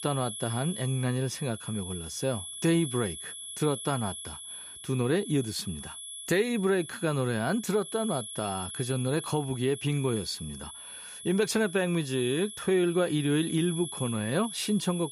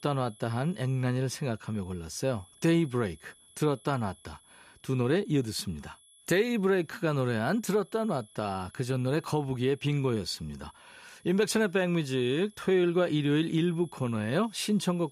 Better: second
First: high-pitched whine; loud; throughout; 11 kHz, 9 dB below the speech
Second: high-pitched whine; faint; throughout; 11 kHz, 30 dB below the speech

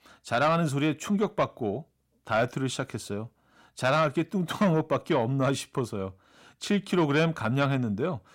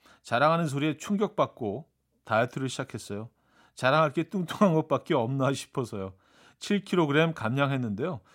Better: second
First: distortion; slight; 10 dB below the speech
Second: none

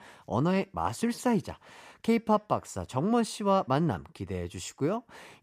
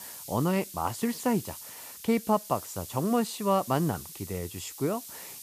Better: first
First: none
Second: hiss; noticeable; throughout; 10 dB below the speech

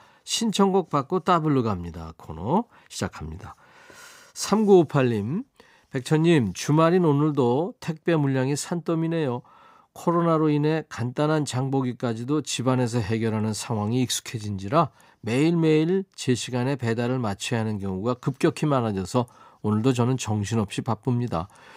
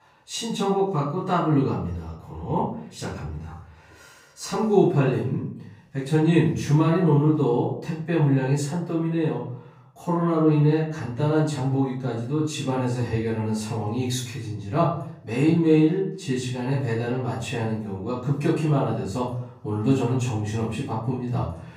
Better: first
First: none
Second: off-mic speech; far // room echo; noticeable; dies away in 0.6 s

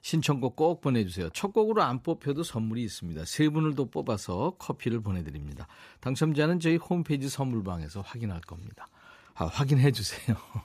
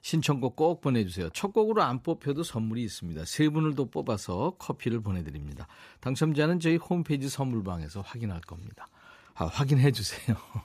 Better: neither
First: none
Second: none

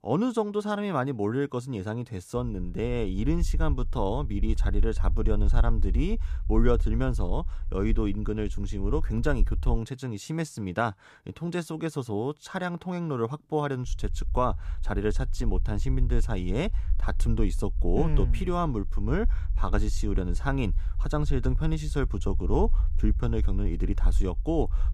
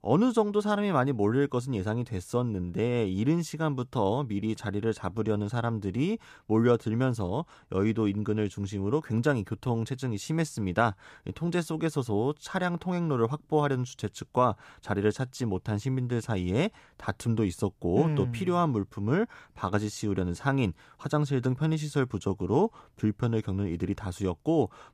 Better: second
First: low rumble; faint; from 2.5 to 9.5 s and from 14 s on; 20 dB below the speech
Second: none

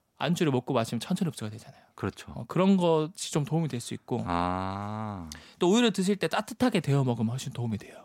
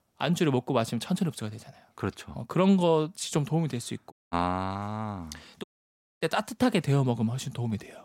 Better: first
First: none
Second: audio cutting out; at 4 s and at 5.5 s for 0.5 s

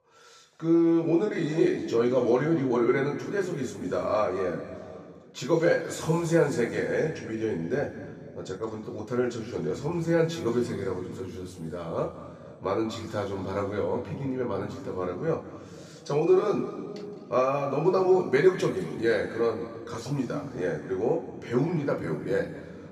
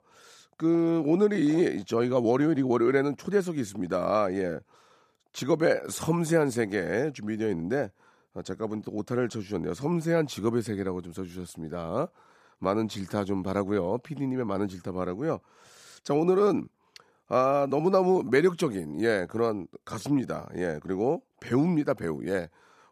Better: second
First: room echo; noticeable; dies away in 2.2 s // off-mic speech; somewhat distant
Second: none

